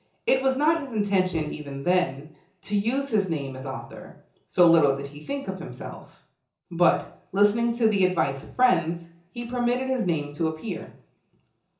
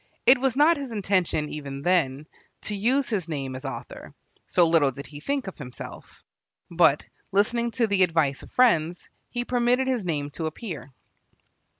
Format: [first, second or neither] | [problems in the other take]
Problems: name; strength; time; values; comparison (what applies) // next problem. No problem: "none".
second | room echo; dies away in 0.6 s